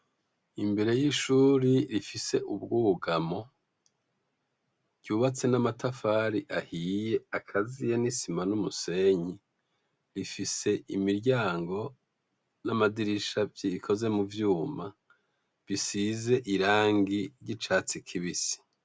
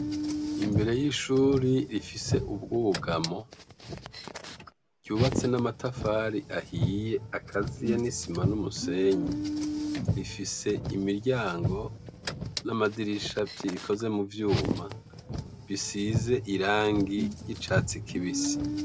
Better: first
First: none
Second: background sound (Car); 3 dB below the speech

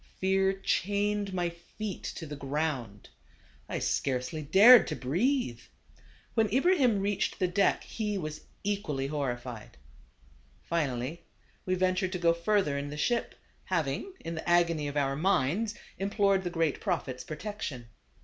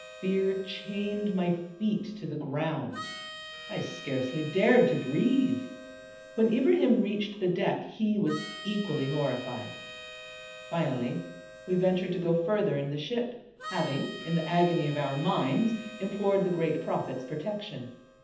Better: first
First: none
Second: background sound (Harmonica); 16 dB below the speech // room echo; dies away in 0.8 s

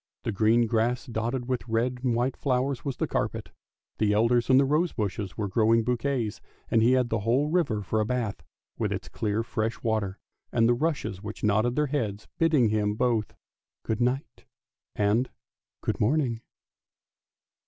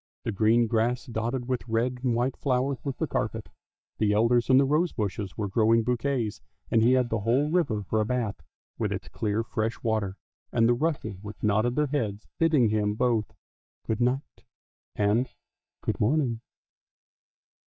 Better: first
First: none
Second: noise reduction (neural mask model DeepFilterNet 3)

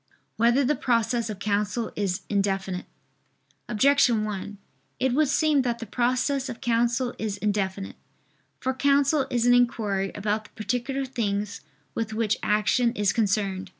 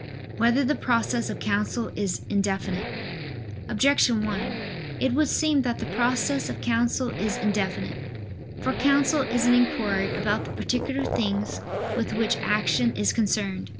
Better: first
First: none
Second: background sound (Zipper (clothing) + Accelerating, revving, vroom); 7 dB below the speech

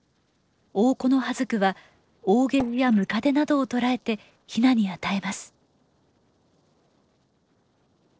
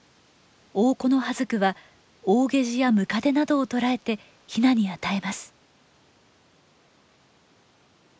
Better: second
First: noise reduction (neural separator model SepFormer DNS4)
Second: none

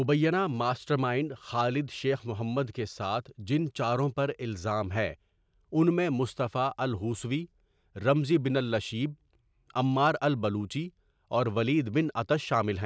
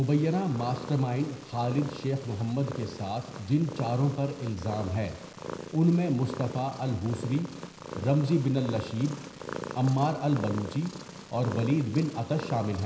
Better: first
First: none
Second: background sound (Purr); 12 dB below the speech // room echo; dies away in 0.7 s

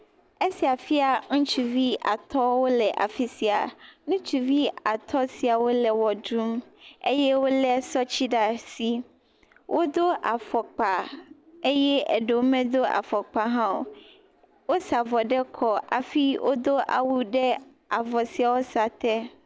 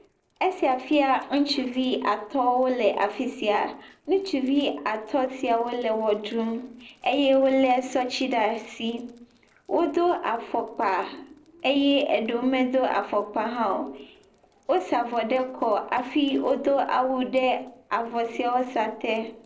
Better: first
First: none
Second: noise reduction (neural separator model SepFormer DNS4)

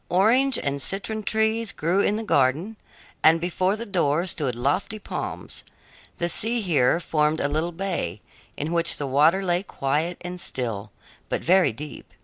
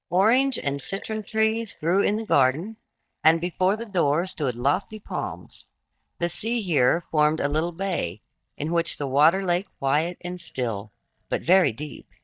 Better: first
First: none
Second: noise reduction (neural mask model DeepFilterNet 3)

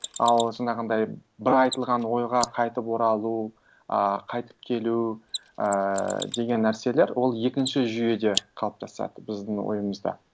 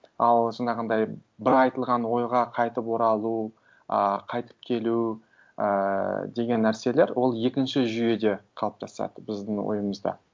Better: second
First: noise reduction (neural mask model Resemble Enhance denoiser)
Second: none

